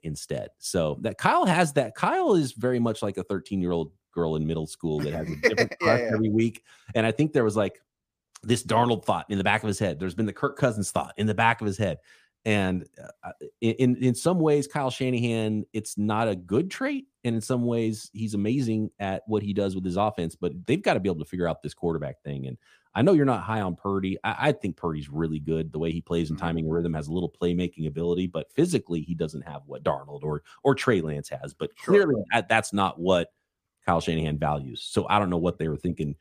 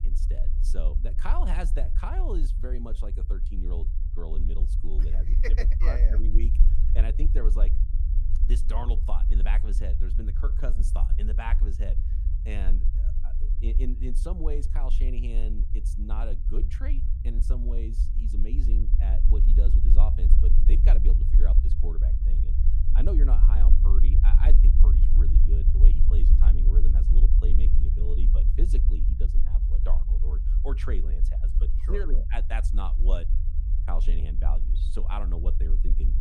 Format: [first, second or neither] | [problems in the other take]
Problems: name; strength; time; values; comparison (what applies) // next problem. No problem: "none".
first | low rumble; loud; throughout; 6 dB below the speech